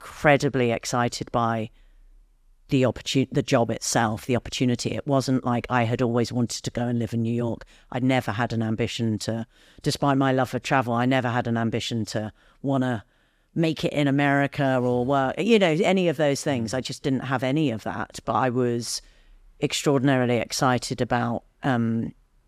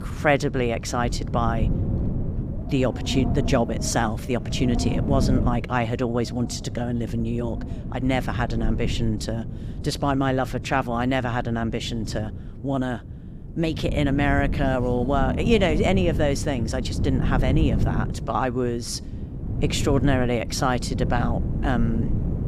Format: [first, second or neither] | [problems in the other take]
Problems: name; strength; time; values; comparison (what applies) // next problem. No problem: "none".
first | wind noise on the microphone; occasional gusts; 10 dB below the speech